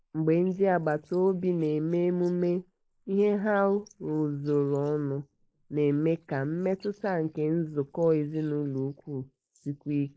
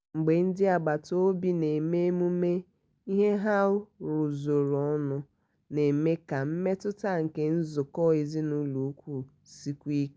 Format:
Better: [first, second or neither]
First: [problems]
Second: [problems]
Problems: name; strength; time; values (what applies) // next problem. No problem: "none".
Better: second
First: noise reduction (neural mask model Resemble Enhance denoiser)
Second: none